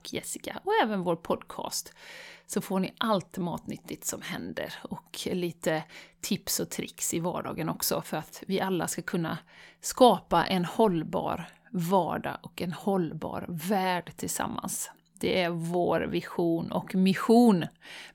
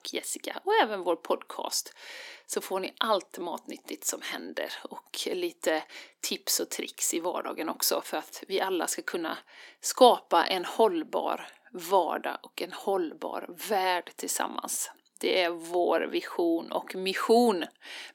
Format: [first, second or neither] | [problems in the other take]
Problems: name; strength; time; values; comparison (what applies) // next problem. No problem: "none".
first | thin; somewhat; fading below 250 Hz